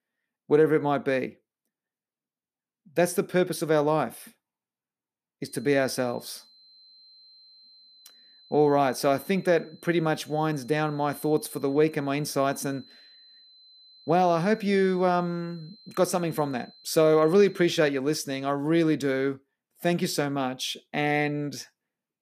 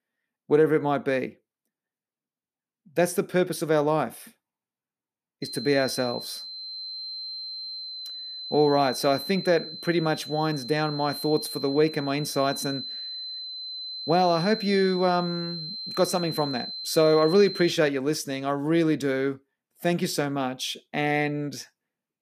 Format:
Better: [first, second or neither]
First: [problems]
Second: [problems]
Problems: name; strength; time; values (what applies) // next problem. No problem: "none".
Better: first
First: high-pitched whine; faint; from 5.5 to 18 s; 4 kHz, 25 dB below the speech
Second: high-pitched whine; loud; from 5.5 to 18 s; 4 kHz, 9 dB below the speech